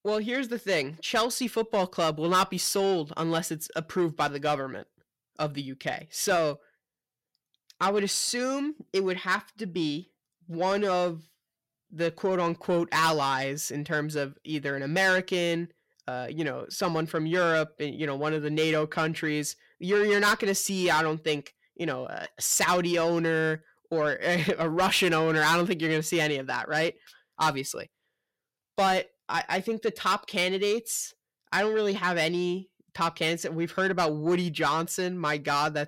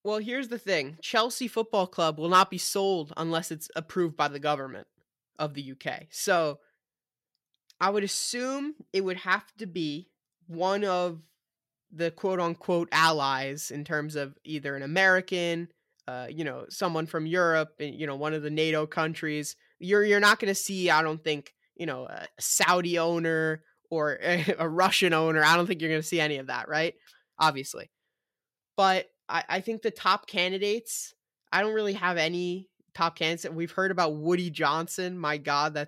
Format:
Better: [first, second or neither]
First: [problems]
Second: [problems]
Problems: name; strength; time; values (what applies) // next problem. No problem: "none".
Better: second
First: distortion; slight; 10 dB below the speech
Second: none